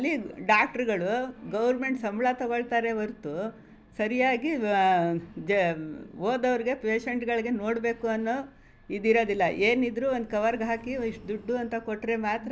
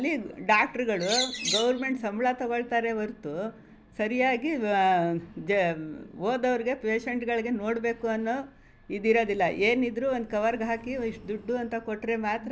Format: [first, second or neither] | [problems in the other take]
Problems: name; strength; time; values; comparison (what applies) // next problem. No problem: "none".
first | background sound (Bird); 3 dB below the speech